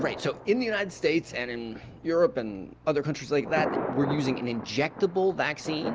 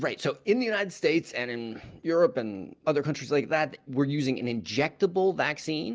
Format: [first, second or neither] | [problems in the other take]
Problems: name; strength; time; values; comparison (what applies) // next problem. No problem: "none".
second | background sound (Thunder); 9 dB below the speech